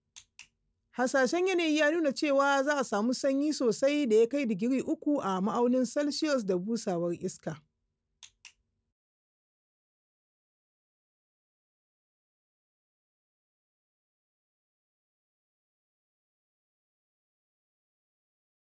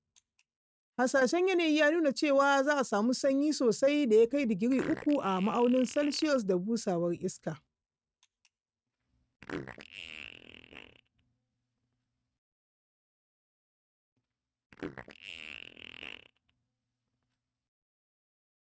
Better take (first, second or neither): first